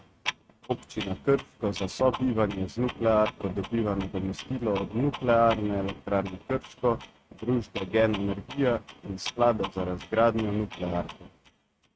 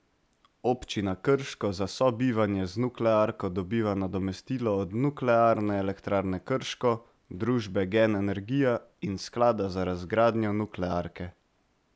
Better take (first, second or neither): second